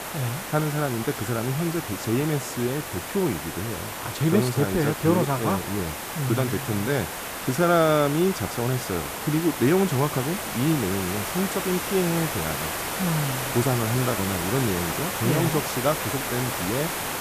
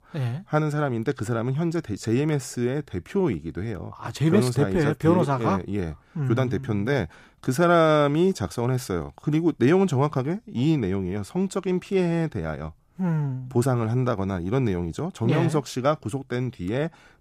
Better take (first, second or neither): second